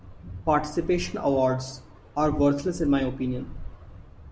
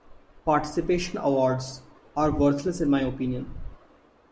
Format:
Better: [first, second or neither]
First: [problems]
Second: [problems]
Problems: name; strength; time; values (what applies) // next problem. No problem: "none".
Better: second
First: background sound (Thunder); 17 dB below the speech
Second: none